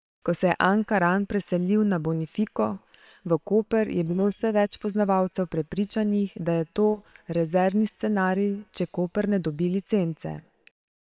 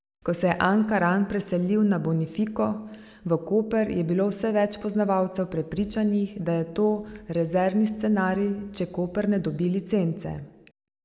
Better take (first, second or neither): second